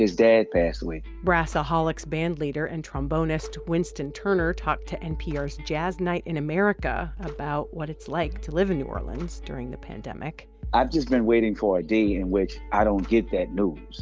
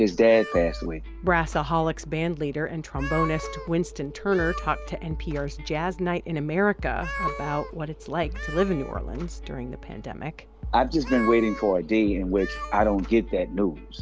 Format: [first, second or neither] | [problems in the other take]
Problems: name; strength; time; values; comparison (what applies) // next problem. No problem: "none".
first | background sound (Meow); 14 dB below the speech